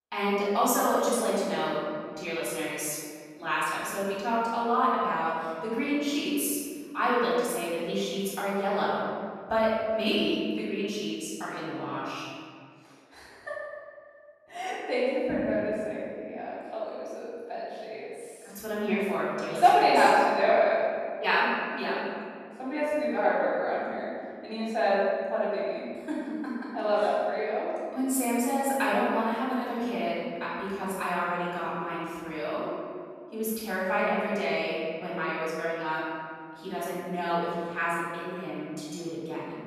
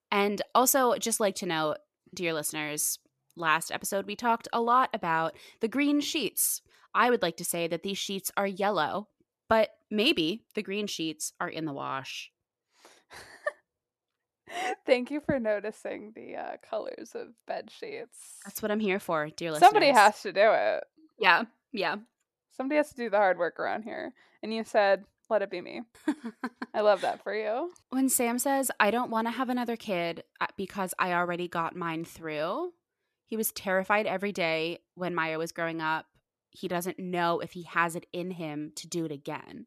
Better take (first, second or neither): second